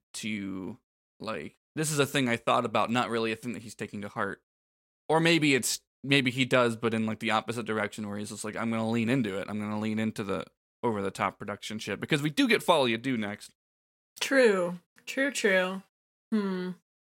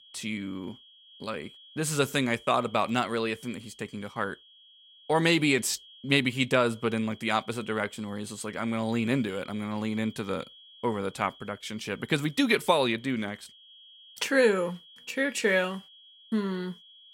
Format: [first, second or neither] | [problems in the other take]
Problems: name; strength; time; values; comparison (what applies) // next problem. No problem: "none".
first | high-pitched whine; faint; throughout; 3.5 kHz, 25 dB below the speech